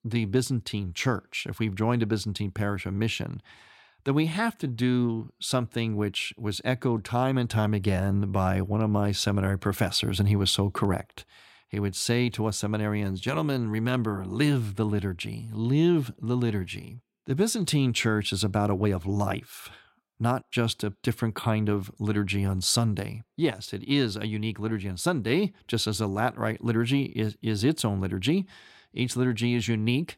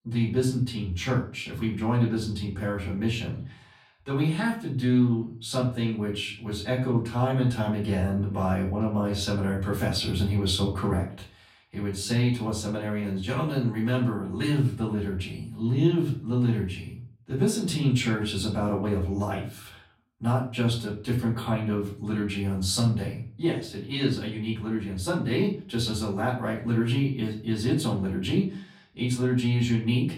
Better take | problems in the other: first | off-mic speech; far // room echo; slight; dies away in 0.4 s

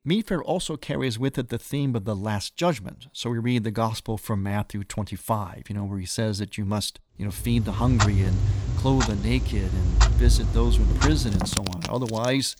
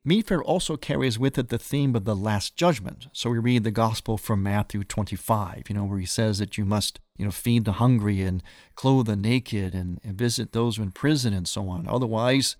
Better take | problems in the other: second | household noises; very loud; from 7.5 s on; 2 dB above the speech

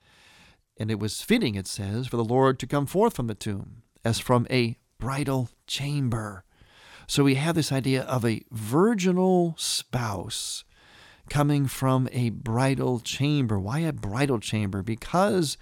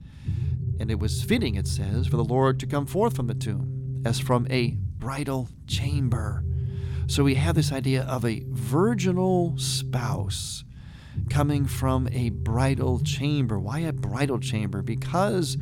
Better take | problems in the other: first | low rumble; noticeable; throughout; 15 dB below the speech

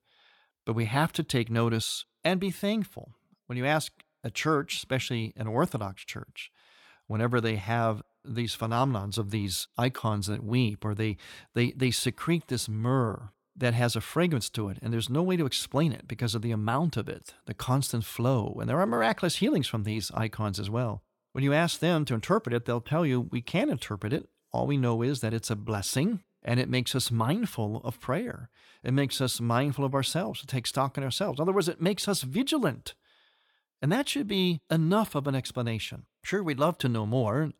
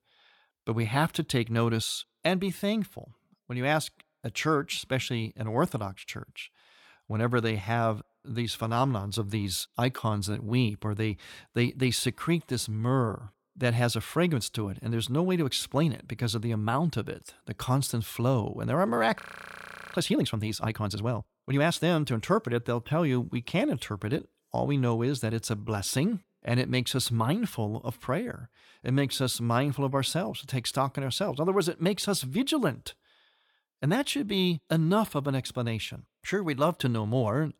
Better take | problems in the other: first | audio freezing; at 19 s for 0.5 s

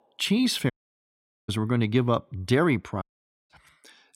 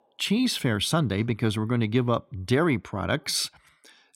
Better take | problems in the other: second | audio cutting out; at 0.5 s for 1 s and at 3 s

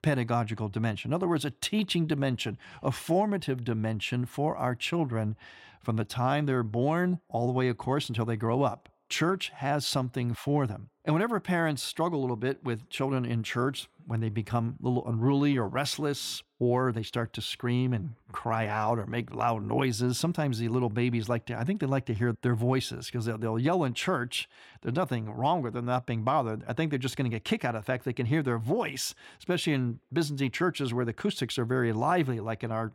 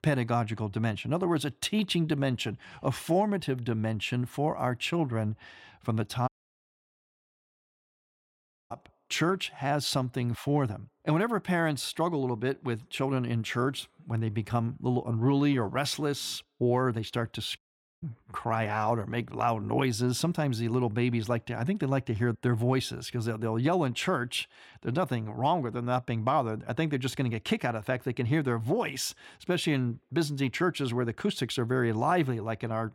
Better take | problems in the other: first | audio cutting out; at 6.5 s for 2.5 s and at 18 s

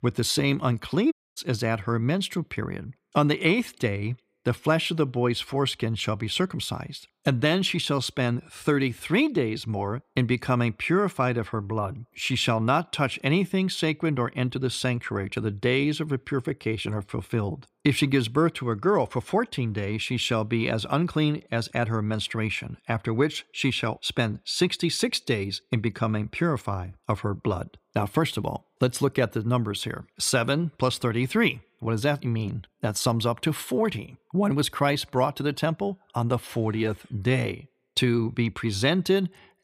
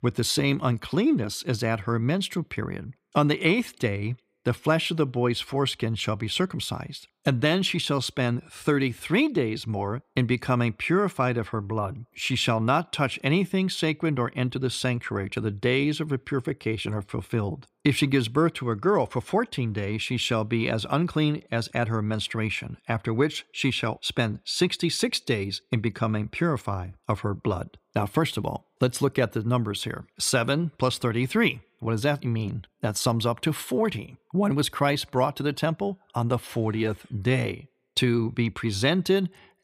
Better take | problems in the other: second | audio cutting out; at 1 s

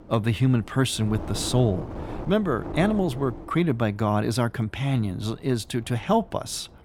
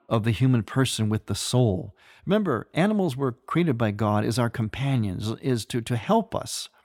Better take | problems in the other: second | wind noise on the microphone; occasional gusts; 10 dB below the speech

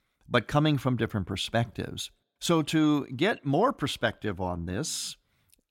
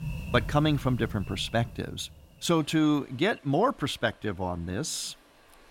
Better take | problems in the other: first | rain or running water; noticeable; throughout; 10 dB below the speech

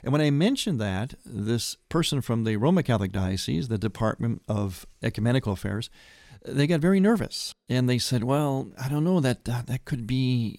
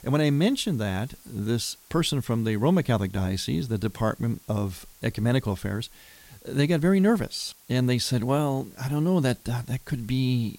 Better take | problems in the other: first | hiss; faint; throughout; 25 dB below the speech

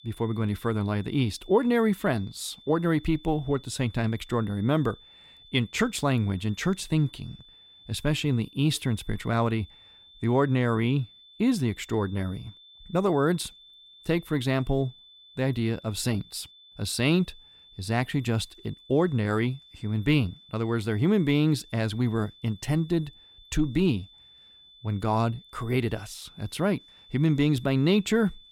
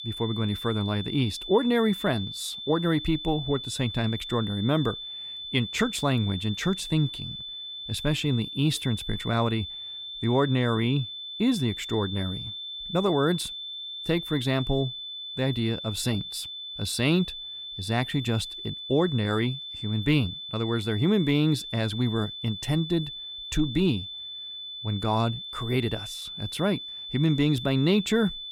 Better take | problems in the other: first | high-pitched whine; loud; throughout; 3.5 kHz, 8 dB below the speech; faint in the first

